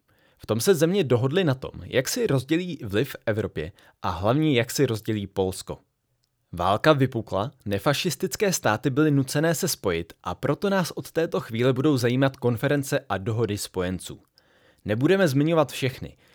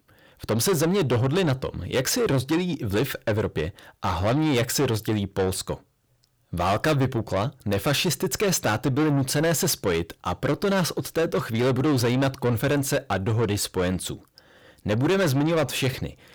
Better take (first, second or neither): first